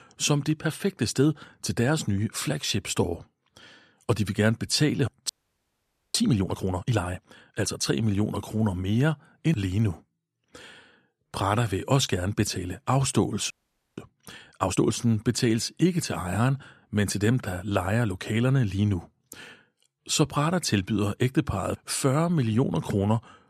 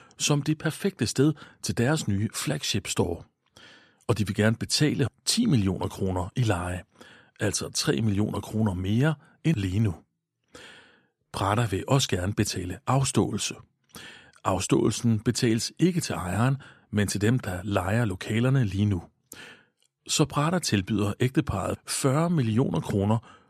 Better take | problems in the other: second | audio freezing; at 5.5 s for 1 s and at 14 s

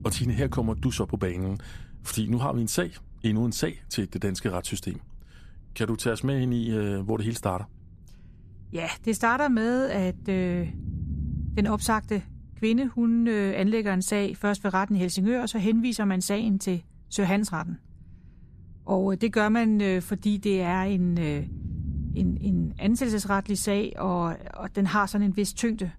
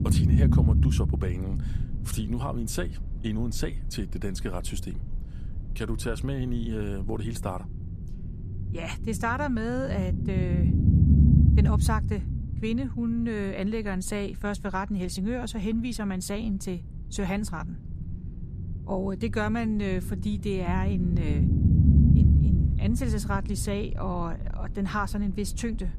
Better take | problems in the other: first | low rumble; loud; throughout; 3 dB below the speech; faint in the first

